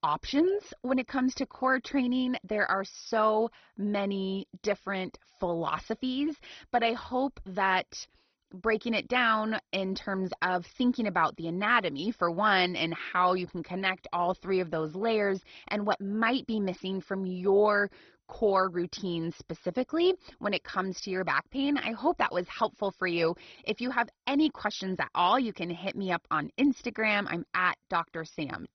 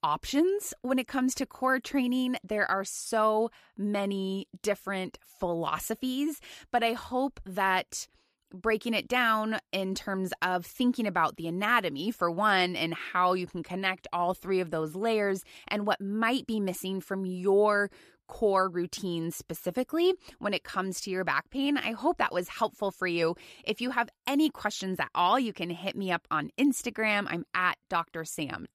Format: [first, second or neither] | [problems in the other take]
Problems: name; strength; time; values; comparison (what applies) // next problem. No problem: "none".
second | garbled, watery; badly; nothing above 6 kHz